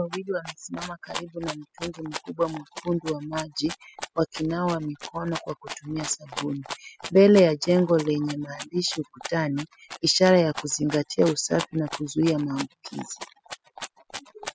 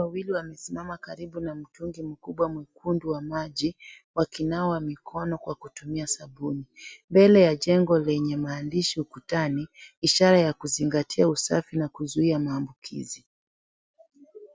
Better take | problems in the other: second | noise reduction (classical method spectral subtraction)

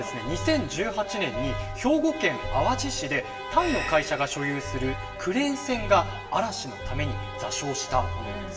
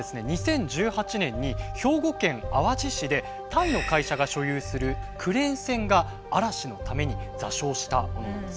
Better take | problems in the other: second | background sound (Alarm); 14 dB below the speech // room echo; dies away in 0.9 s

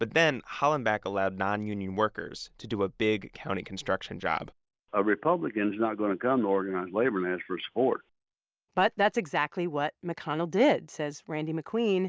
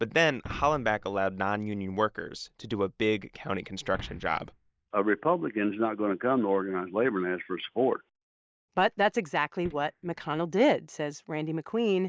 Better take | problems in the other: first | noise reduction (neural mask model DeepFilterNet 3)

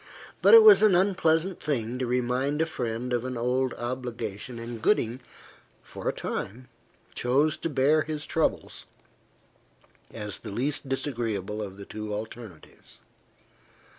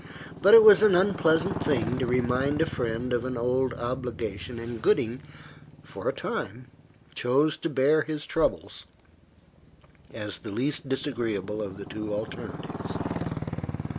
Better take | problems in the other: first | background sound (Motorcycle); 10 dB below the speech

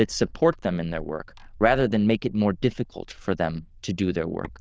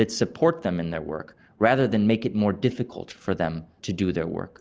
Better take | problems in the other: second | noise reduction (neural diffusion model UNIVERSE++)

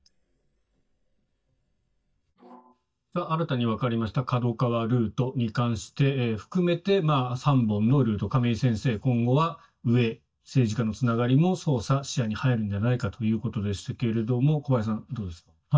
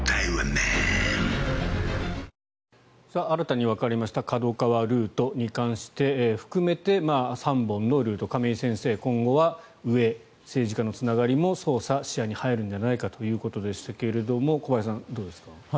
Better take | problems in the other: second | noise reduction (neural mask model DeepFilterNet 3)

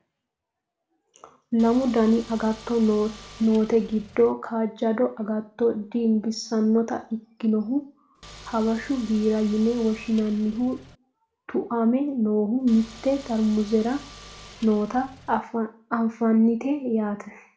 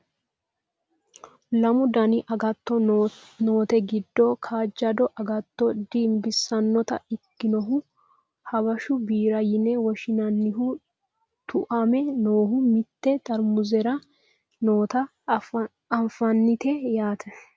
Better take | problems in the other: second | background sound (Car); 20 dB below the speech // room echo; dies away in 0.4 s

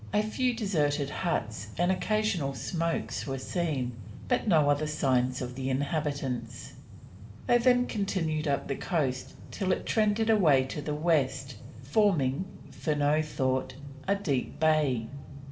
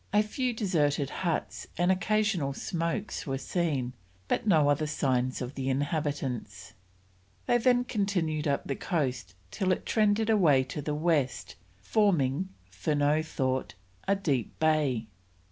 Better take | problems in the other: second | background sound (Train); 15 dB below the speech // room echo; dies away in 1.6 s

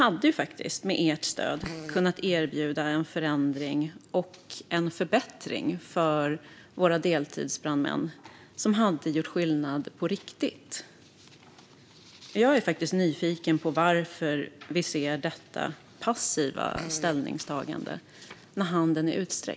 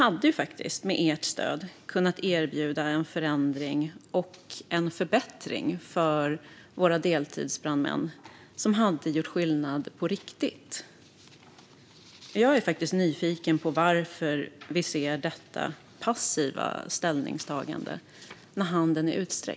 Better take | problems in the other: second | background sound (Fart); 14 dB below the speech

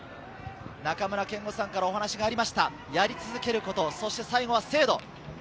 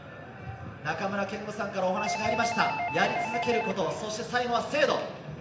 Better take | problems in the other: first | background sound (Doorbell); 4 dB below the speech // room echo; dies away in 0.8 s

